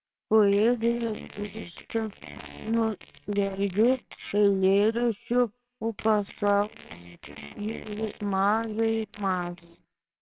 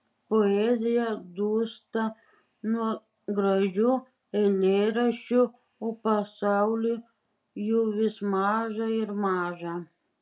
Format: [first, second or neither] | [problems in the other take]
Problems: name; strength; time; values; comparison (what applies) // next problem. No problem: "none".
second | noise reduction (neural separator model SepFormer WHAMR!)